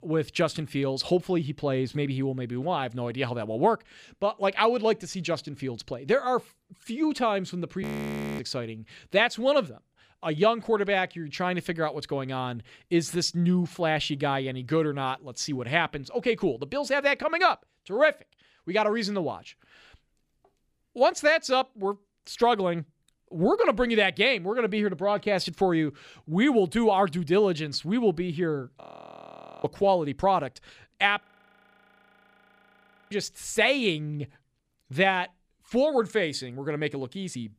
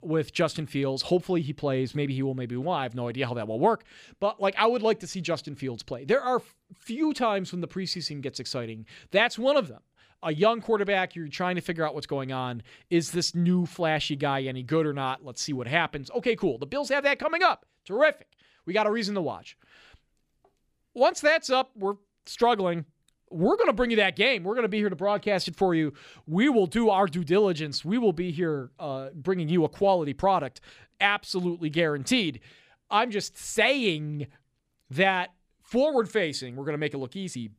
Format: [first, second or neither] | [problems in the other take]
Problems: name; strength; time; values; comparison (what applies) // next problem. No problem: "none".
second | audio freezing; at 8 s for 0.5 s, at 29 s for 1 s and at 31 s for 2 s